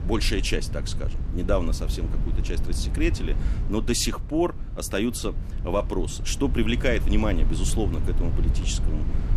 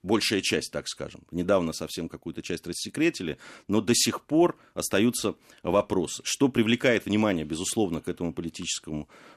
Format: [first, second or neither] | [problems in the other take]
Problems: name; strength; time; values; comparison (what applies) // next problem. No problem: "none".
second | low rumble; noticeable; throughout; 15 dB below the speech